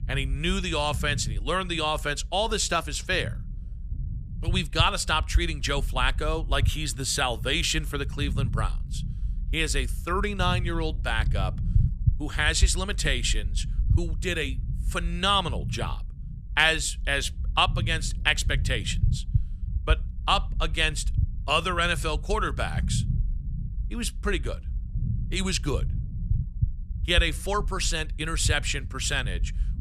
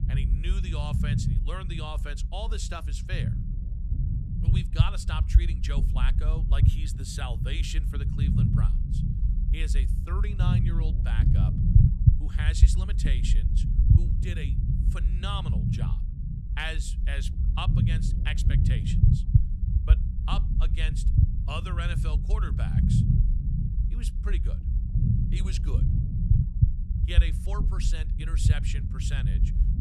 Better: first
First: low rumble; faint; throughout; 20 dB below the speech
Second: low rumble; loud; throughout; 2 dB below the speech

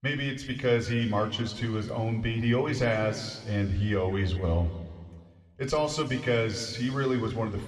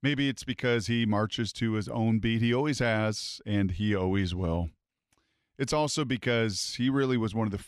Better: second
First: room echo; slight; dies away in 1.9 s // off-mic speech; somewhat distant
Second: none

